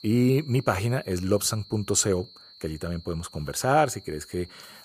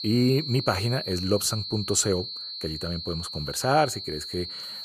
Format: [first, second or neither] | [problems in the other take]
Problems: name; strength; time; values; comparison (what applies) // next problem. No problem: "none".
first | high-pitched whine; loud; throughout; 4.5 kHz, 6 dB below the speech; faint in the first